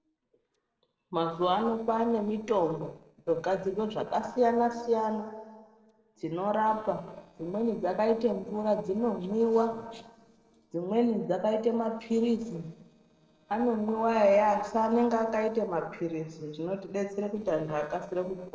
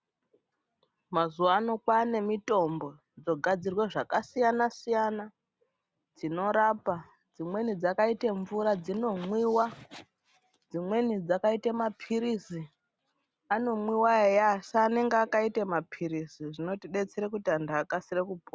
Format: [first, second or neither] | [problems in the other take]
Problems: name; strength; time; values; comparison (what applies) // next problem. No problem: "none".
second | noise reduction (neural separator model SepFormer DNS4)